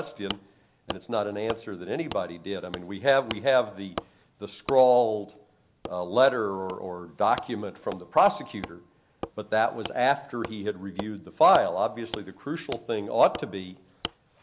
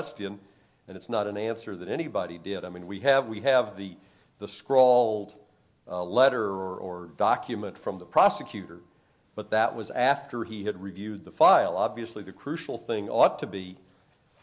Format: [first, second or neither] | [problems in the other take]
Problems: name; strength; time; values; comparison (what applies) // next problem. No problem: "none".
second | background sound (Wood); 16 dB below the speech